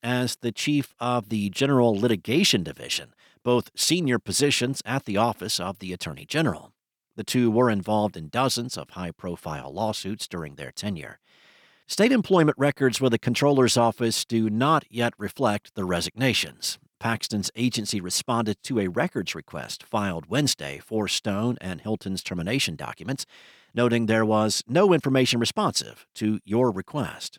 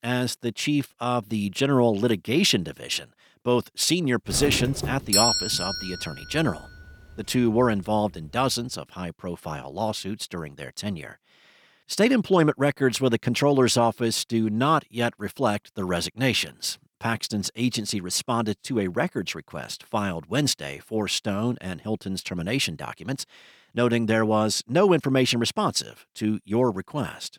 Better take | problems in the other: first | doorbell; loud; from 4.5 to 6.5 s; peak 6 dB above the speech

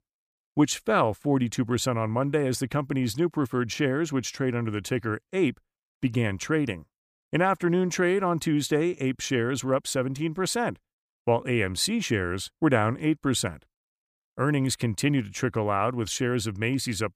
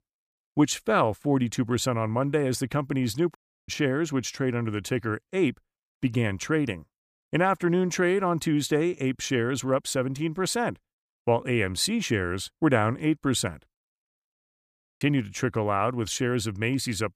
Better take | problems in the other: first | audio cutting out; at 3.5 s and at 14 s for 0.5 s

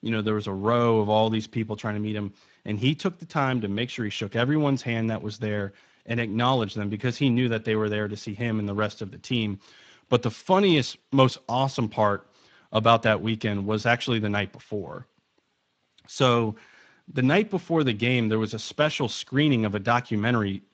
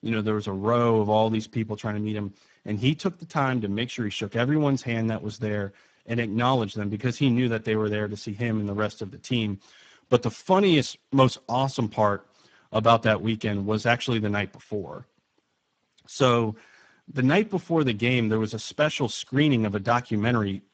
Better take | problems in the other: first | garbled, watery; badly; nothing above 7.5 kHz; slightly in the first

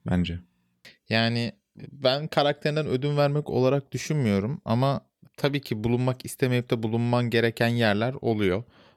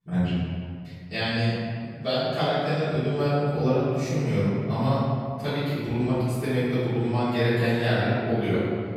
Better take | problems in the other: first | off-mic speech; far // room echo; strong; dies away in 1.9 s

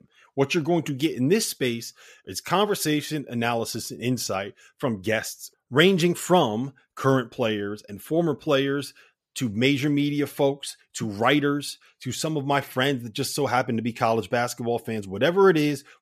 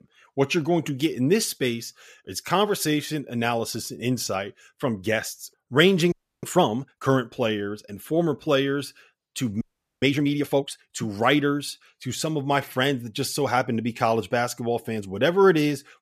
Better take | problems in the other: first | audio freezing; at 6 s and at 9.5 s

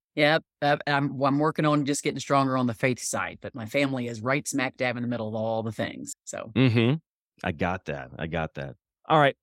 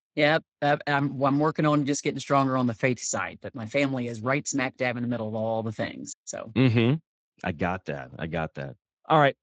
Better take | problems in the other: first | garbled, watery; slightly; nothing above 7.5 kHz

